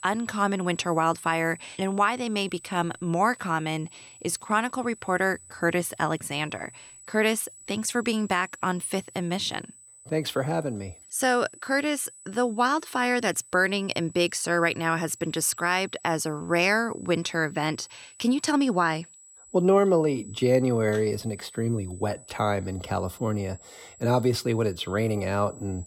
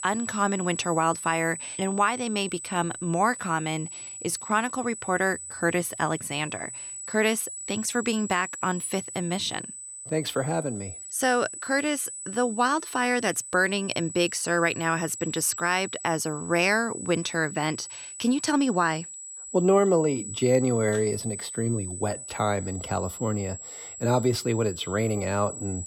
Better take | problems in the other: first | high-pitched whine; loud; throughout; 8 kHz, 9 dB below the speech; faint in the first

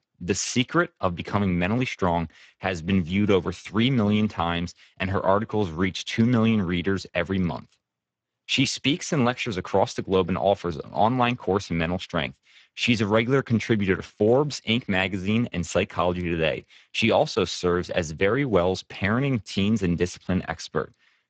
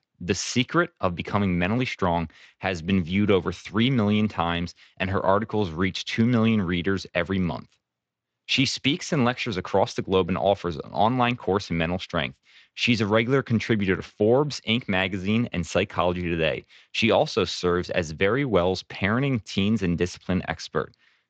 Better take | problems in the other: second | garbled, watery; badly; nothing above 7.5 kHz; slightly in the second

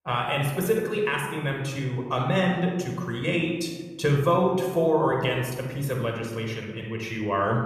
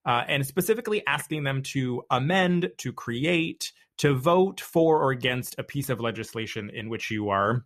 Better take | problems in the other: second | room echo; noticeable; dies away in 1.2 s

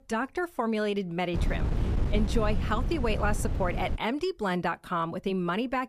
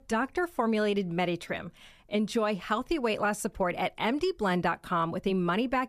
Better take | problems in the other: second | wind noise on the microphone; occasional gusts; from 1.5 to 4 s; 10 dB below the speech

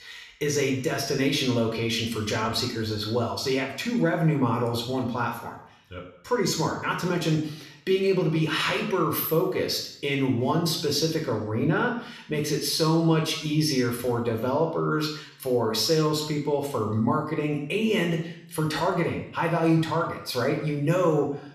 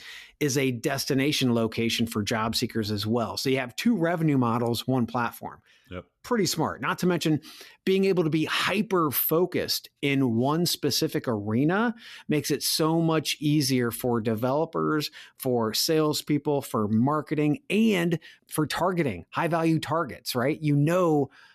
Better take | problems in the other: second | room echo; noticeable; dies away in 0.7 s // off-mic speech; somewhat distant

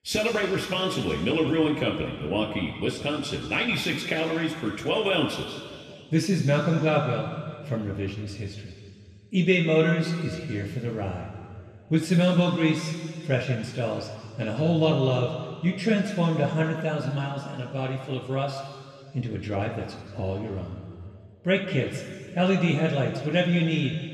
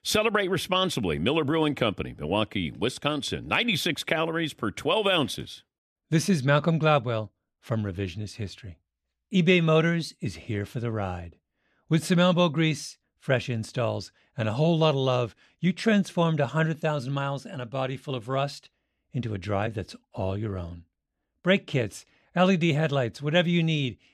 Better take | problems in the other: second | room echo; noticeable; dies away in 2.2 s // off-mic speech; somewhat distant

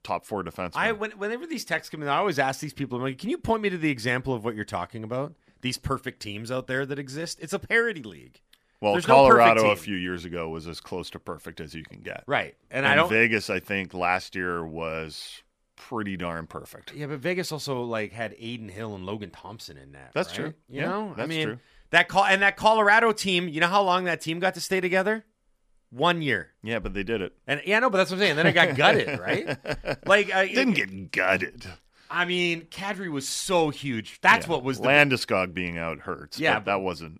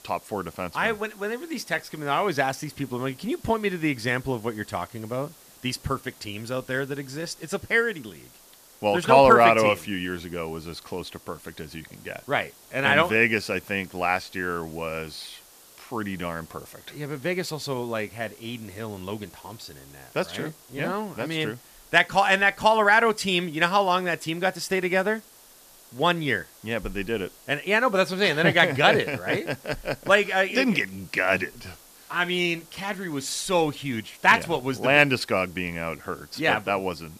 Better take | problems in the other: first | hiss; faint; throughout; 25 dB below the speech

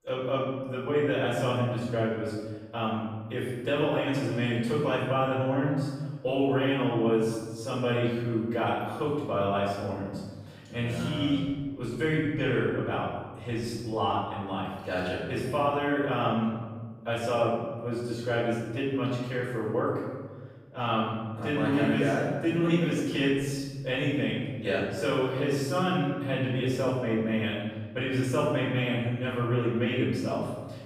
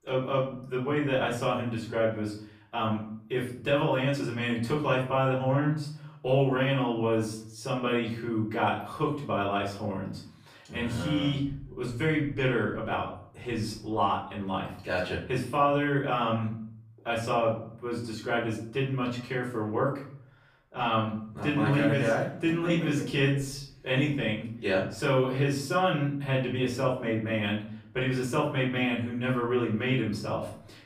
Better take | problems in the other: second | room echo; strong; dies away in 1.3 s; slight in the second // off-mic speech; far; far in the second

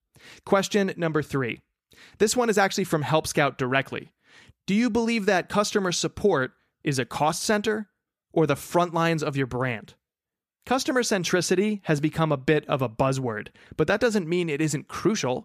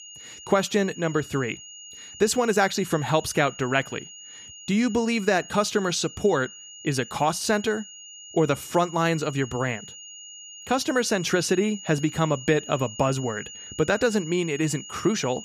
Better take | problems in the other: first | high-pitched whine; noticeable; throughout; 3 kHz, 15 dB below the speech

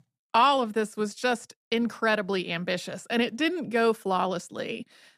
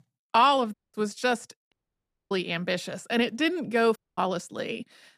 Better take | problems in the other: first | audio cutting out; at 0.5 s, at 1.5 s for 0.5 s and at 4 s

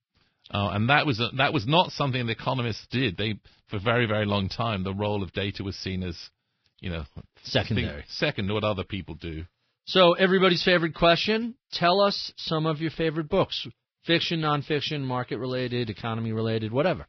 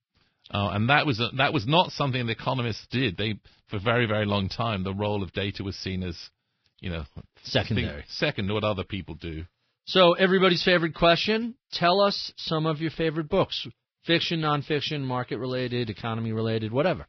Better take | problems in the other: neither | garbled, watery; badly; nothing above 5.5 kHz; the same in both

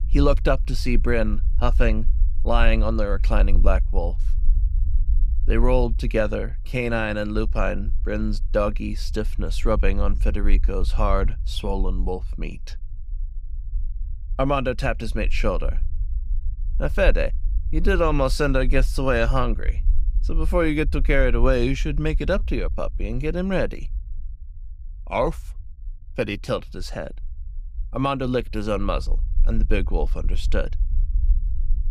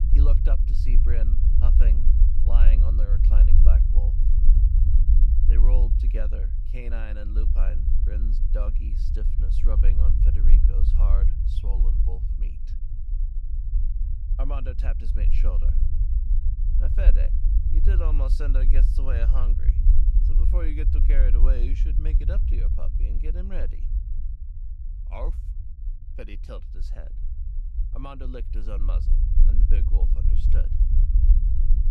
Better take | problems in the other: first | low rumble; loud; throughout; 3 dB below the speech; faint in the first

